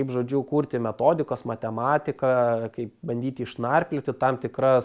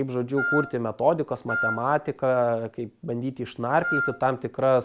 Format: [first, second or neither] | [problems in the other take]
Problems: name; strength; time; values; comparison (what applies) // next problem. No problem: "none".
first | background sound (Wind instrument, woodwind instrument); 4 dB below the speech